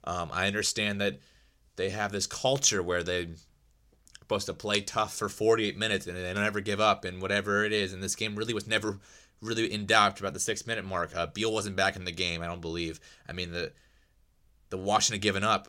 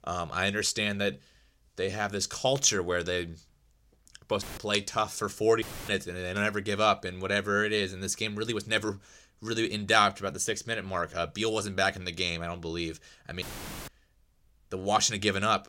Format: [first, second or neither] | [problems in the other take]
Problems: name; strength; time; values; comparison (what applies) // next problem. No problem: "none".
first | audio cutting out; filled with static; at 4.5 s, at 5.5 s and at 13 s